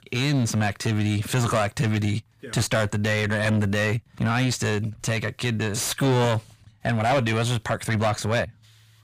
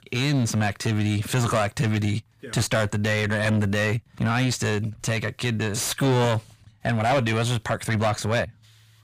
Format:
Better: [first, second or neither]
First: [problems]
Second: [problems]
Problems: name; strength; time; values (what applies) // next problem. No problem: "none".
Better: neither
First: distortion; heavy; 7 dB below the speech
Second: distortion; heavy; 7 dB below the speech